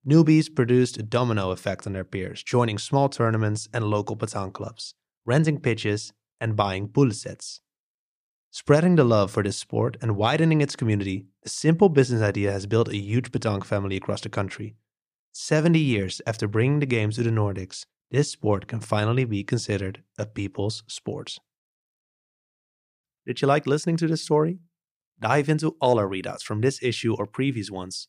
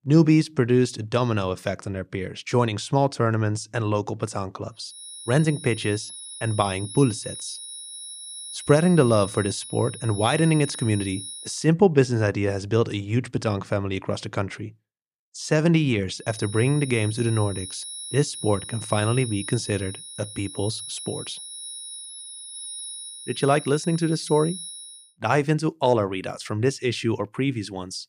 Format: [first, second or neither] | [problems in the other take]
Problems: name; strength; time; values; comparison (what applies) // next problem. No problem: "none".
first | high-pitched whine; noticeable; from 5 to 12 s and from 16 to 25 s; 10.5 kHz, 10 dB below the speech